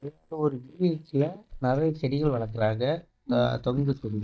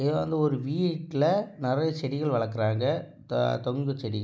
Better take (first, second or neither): second